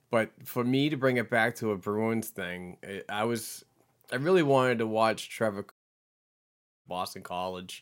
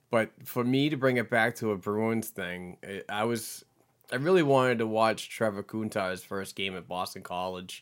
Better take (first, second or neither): second